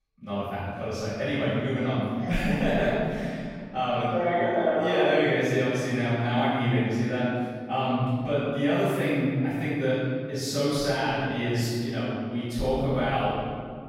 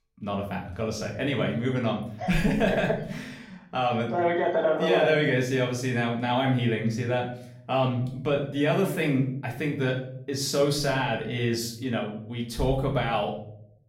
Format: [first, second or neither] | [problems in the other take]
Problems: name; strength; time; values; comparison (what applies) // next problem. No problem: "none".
second | room echo; strong; dies away in 2.6 s; slight in the second // off-mic speech; far; far in the second